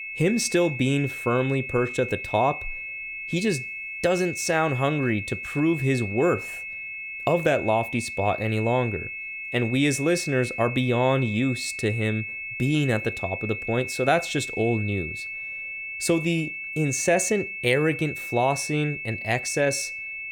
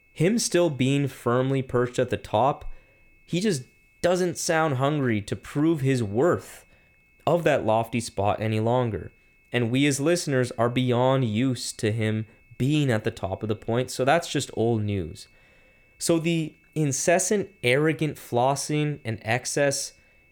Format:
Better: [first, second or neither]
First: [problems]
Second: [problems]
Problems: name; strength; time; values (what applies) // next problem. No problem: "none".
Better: second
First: high-pitched whine; loud; throughout; 2.5 kHz, 7 dB below the speech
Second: high-pitched whine; faint; throughout; 2.5 kHz, 35 dB below the speech